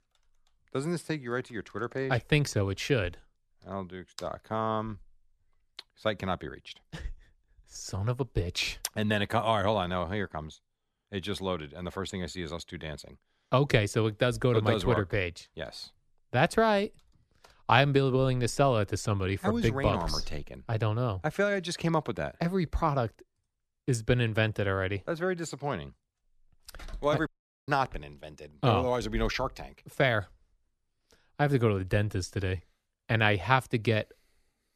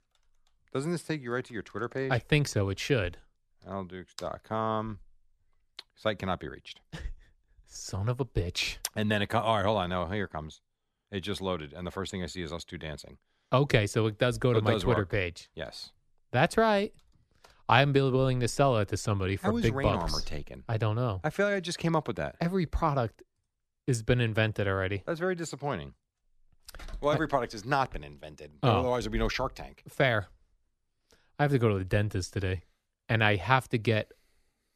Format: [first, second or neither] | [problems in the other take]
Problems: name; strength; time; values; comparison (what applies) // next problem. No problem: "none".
second | audio cutting out; at 27 s